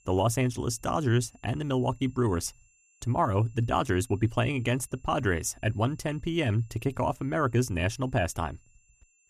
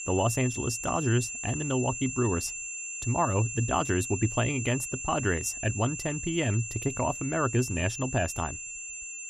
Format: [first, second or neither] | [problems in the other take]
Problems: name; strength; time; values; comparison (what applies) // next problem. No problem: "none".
first | high-pitched whine; loud; throughout; 7 kHz, 5 dB below the speech; faint in the first